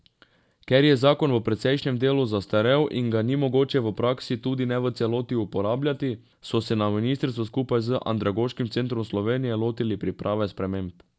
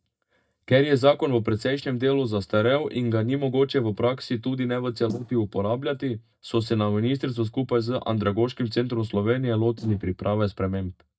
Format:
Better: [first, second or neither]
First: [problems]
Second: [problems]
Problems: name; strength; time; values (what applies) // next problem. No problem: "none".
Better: first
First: none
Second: noise reduction (neural mask model DeepFilterNet 3)